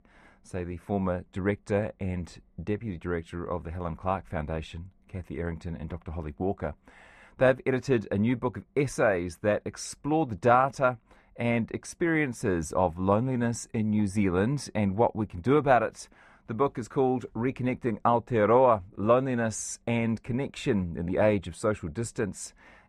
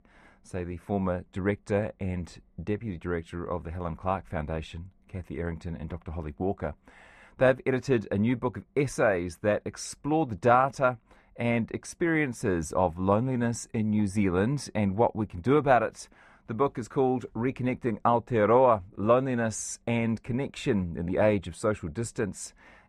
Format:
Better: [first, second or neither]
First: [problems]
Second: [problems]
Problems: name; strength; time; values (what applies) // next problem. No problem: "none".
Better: neither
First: muffled; slightly; fading above 3 kHz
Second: muffled; slightly; fading above 3 kHz